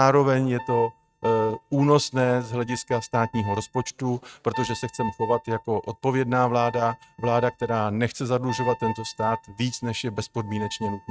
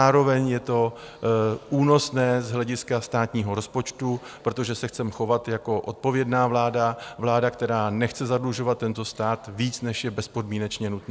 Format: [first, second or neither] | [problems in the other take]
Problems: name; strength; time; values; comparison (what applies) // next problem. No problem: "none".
second | noise reduction (neural mask model RNNoise)